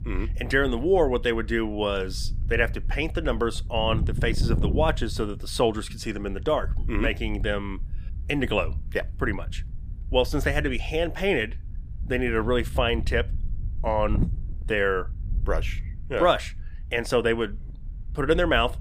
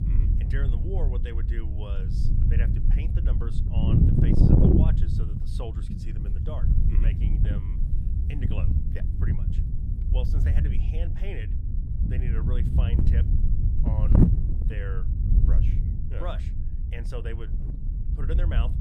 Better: first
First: wind noise on the microphone; occasional gusts; 20 dB below the speech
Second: wind noise on the microphone; heavy; 4 dB above the speech

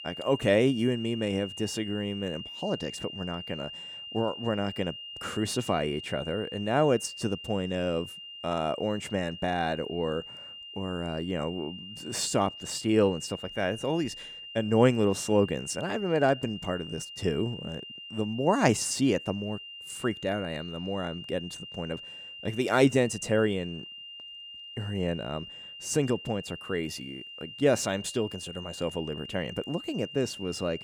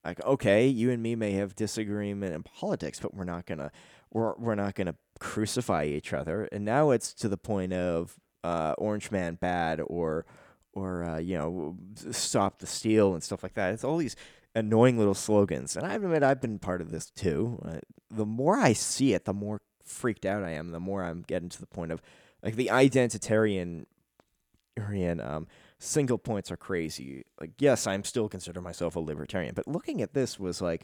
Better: second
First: high-pitched whine; noticeable; throughout; 3 kHz, 10 dB below the speech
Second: none

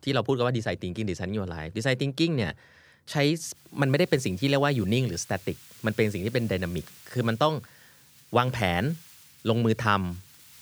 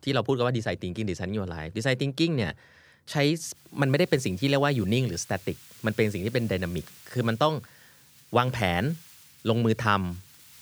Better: neither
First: hiss; faint; from 3.5 s on; 25 dB below the speech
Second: hiss; faint; from 3.5 s on; 25 dB below the speech

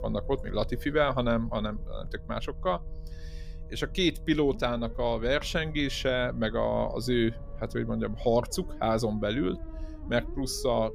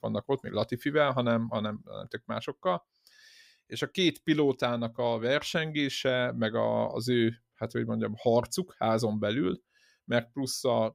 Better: second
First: low rumble; faint; throughout; 20 dB below the speech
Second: none

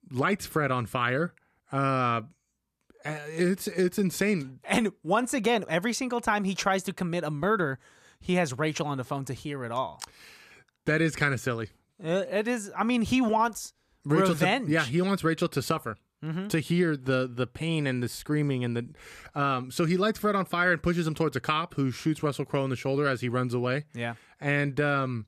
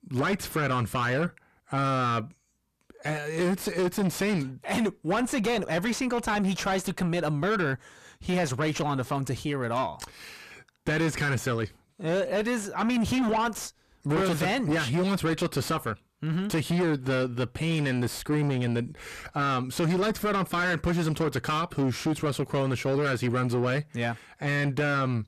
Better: first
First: none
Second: distortion; heavy; 7 dB below the speech

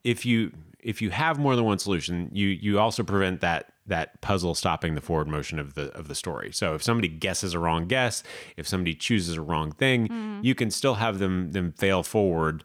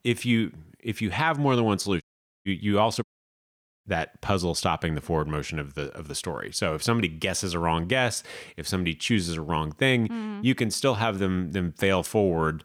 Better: first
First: none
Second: audio cutting out; at 2 s and at 3 s for 1 s

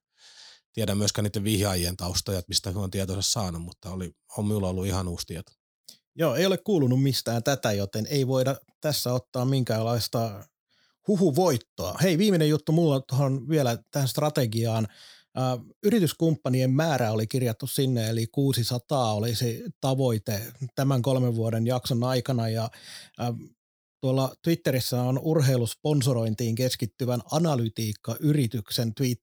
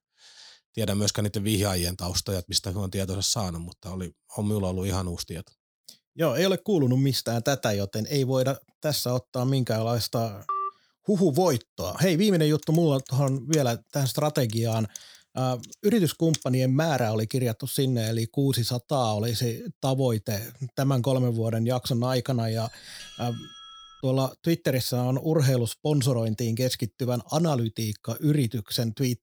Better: first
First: none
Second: phone ringing; noticeable; at 10 s; peak 4 dB below the speech // keyboard typing; noticeable; from 13 to 16 s; peak 8 dB below the speech // doorbell; faint; from 23 to 24 s; peak 15 dB below the speech

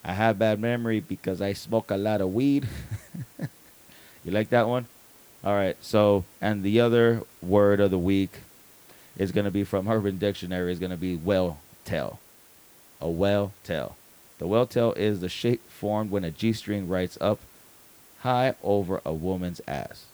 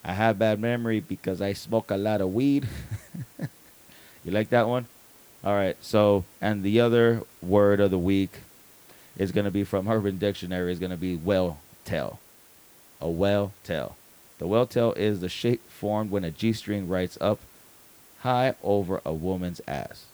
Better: neither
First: hiss; faint; throughout; 25 dB below the speech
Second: hiss; faint; throughout; 25 dB below the speech

